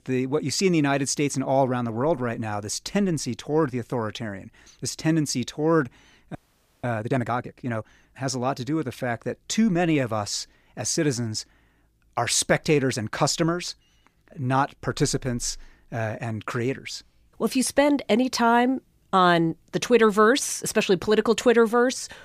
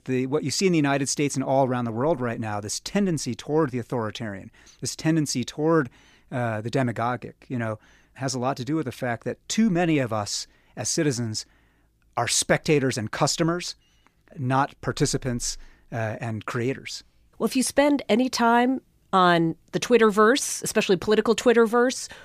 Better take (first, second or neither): second